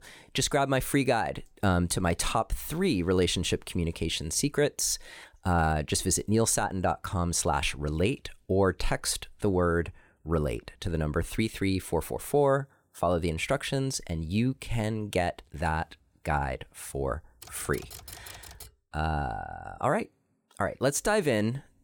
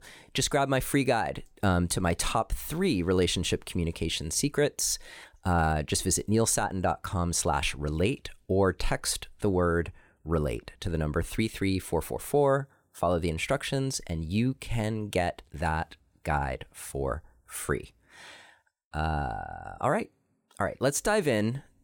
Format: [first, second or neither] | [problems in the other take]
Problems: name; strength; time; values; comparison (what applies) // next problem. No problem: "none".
second | keyboard typing; faint; from 17 to 19 s; peak 15 dB below the speech